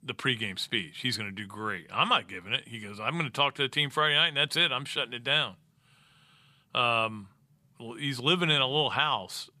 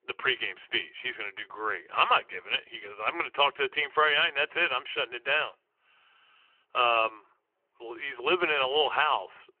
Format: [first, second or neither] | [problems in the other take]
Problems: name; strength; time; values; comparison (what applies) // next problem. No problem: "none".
first | phone-call audio; nothing above 3 kHz